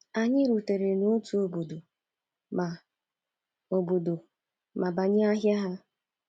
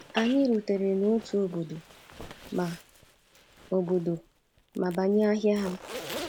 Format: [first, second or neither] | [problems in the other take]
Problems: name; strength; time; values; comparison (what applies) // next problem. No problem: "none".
first | background sound (Zipper (clothing)); 15 dB below the speech